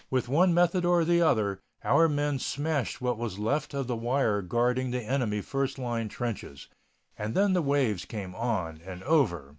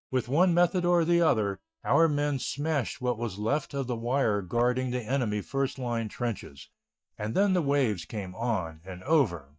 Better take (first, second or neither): first